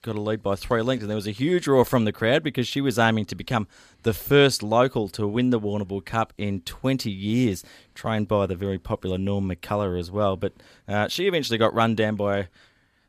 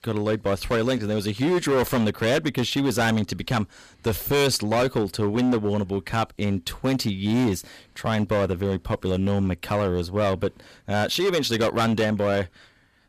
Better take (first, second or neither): first